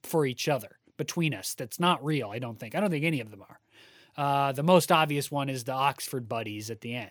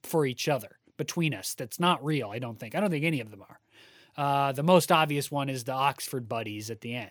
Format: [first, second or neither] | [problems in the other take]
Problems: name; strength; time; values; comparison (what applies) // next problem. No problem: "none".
neither | none